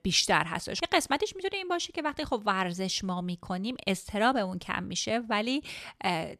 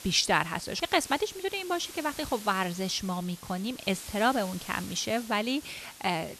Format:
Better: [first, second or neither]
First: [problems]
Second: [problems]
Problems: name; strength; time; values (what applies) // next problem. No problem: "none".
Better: first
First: none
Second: hiss; noticeable; throughout; 15 dB below the speech